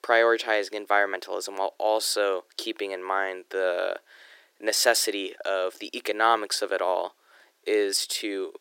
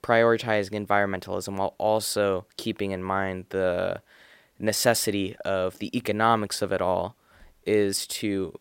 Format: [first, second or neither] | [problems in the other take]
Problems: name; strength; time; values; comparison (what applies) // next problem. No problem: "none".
second | thin; very; fading below 350 Hz